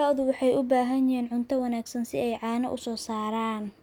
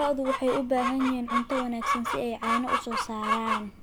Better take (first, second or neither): first